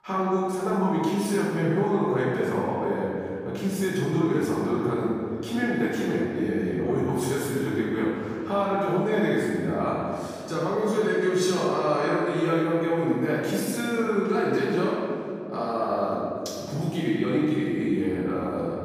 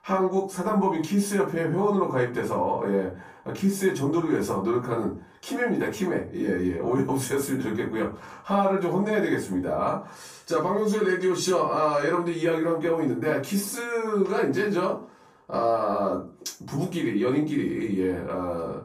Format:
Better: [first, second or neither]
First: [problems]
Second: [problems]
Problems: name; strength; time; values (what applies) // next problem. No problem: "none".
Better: second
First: room echo; strong; dies away in 2.2 s // off-mic speech; far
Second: room echo; slight; dies away in 0.3 s // off-mic speech; far